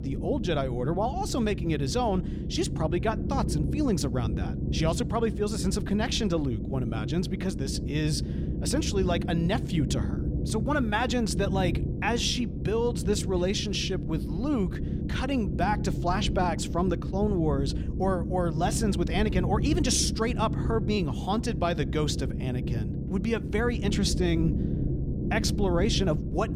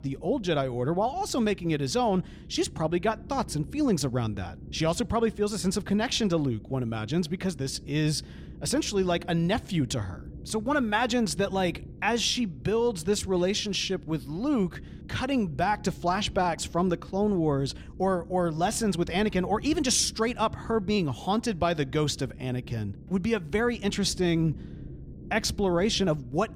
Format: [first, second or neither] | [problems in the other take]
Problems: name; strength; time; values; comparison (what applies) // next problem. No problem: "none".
second | low rumble; loud; throughout; 9 dB below the speech; faint in the second